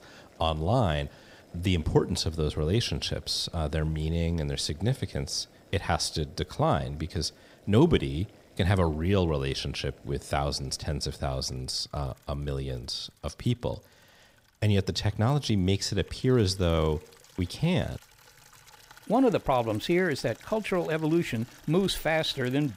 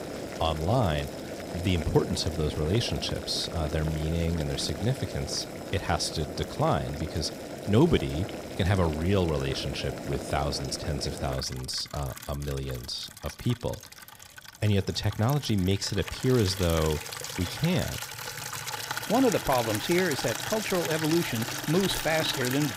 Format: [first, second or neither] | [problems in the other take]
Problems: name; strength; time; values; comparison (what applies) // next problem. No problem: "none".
first | household noises; loud; throughout; 7 dB below the speech; faint in the first